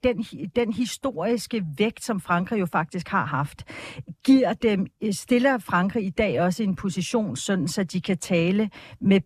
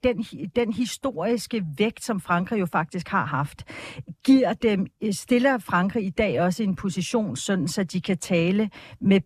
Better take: neither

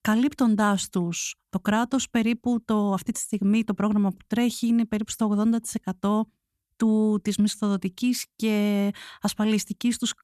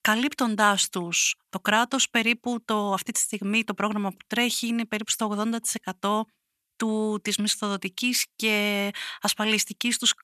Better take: first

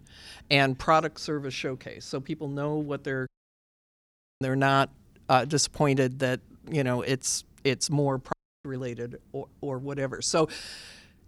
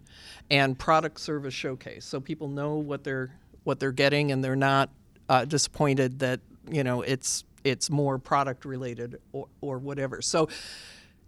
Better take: second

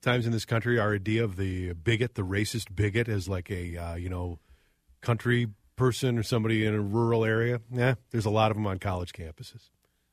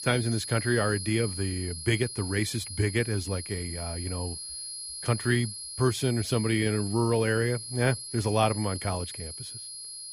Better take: first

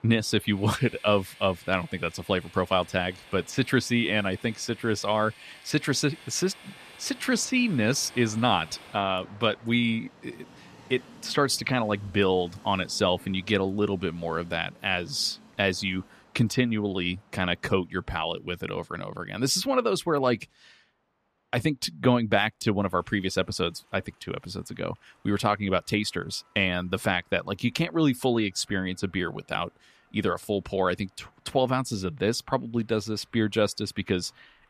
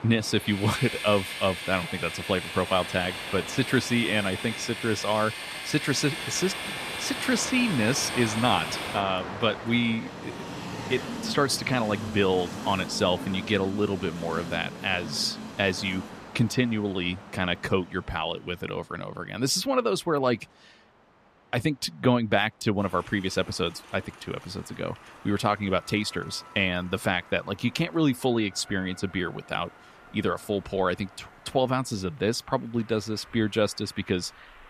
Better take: first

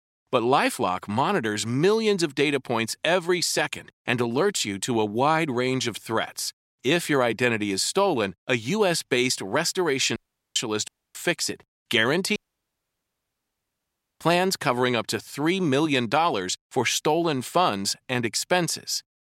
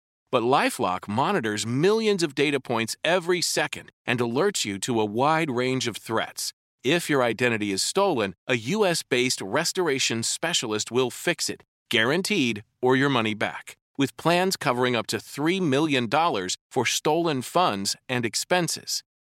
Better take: second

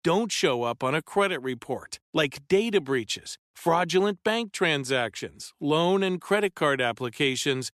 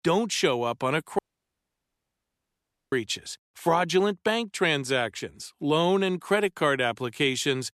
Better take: first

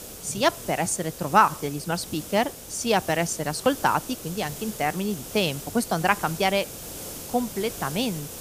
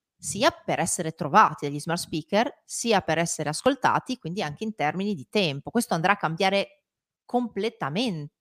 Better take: second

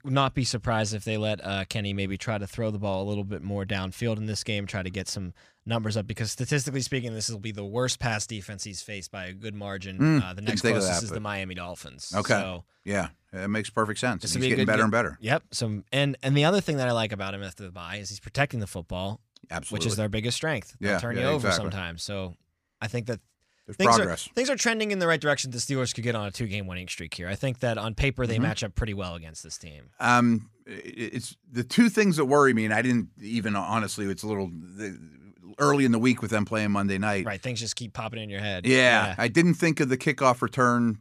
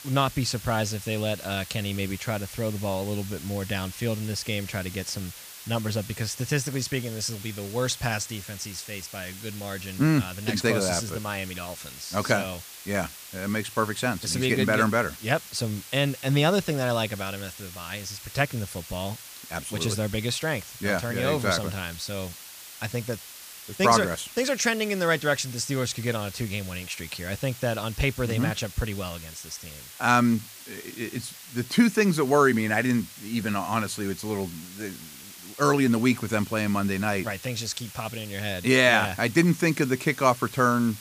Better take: first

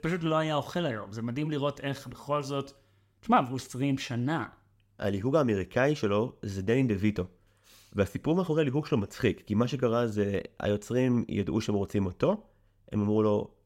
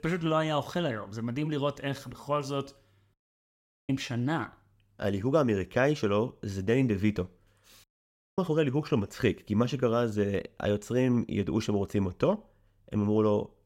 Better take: first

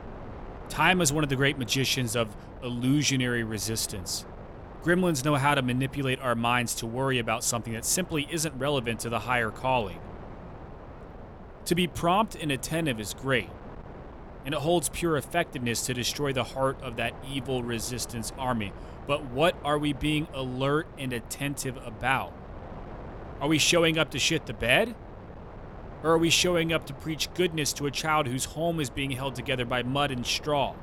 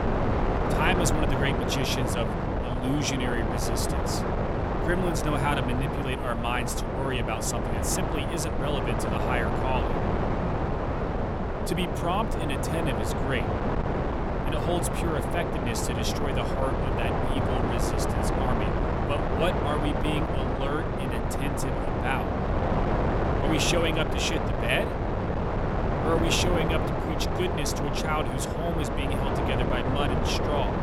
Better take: first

